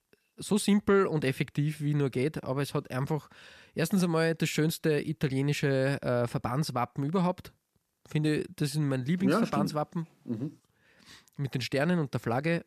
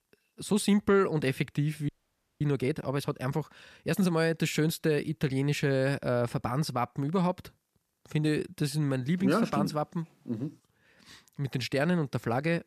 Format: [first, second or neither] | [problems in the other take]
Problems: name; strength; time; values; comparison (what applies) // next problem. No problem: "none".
first | audio freezing; at 2 s for 0.5 s